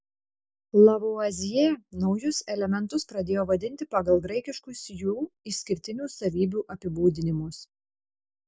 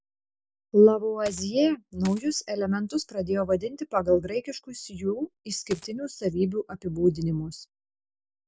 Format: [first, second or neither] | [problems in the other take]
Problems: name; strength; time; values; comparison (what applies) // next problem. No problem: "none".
first | background sound (Coin (dropping)); 17 dB below the speech